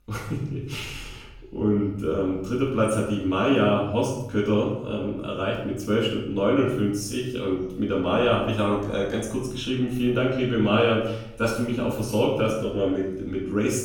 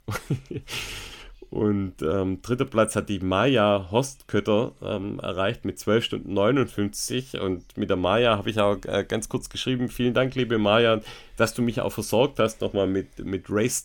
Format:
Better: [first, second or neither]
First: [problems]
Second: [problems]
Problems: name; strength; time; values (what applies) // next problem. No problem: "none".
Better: second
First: off-mic speech; far // room echo; noticeable; dies away in 0.7 s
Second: none